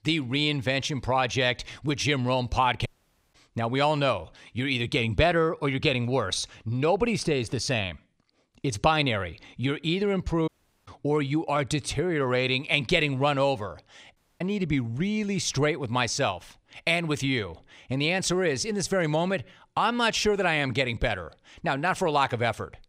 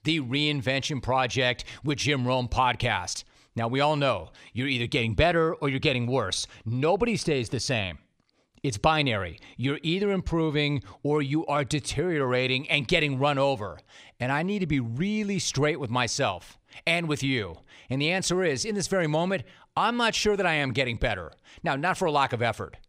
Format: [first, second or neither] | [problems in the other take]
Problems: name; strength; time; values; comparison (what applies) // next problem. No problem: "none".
second | audio cutting out; at 3 s, at 10 s and at 14 s